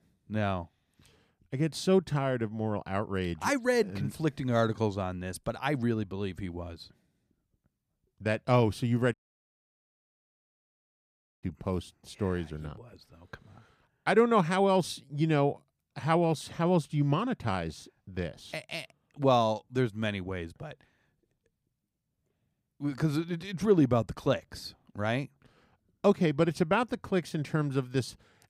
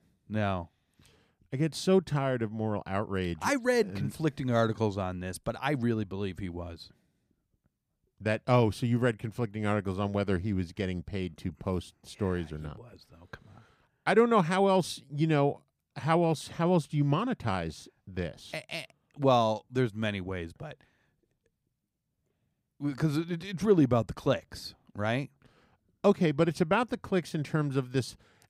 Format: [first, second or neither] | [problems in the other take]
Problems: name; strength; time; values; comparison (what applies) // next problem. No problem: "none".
second | audio cutting out; at 9 s for 2.5 s